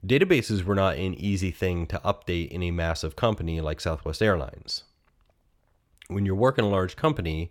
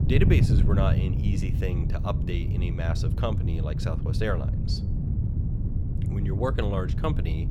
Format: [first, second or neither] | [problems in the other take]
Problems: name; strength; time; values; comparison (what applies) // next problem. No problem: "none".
first | wind noise on the microphone; heavy; 5 dB below the speech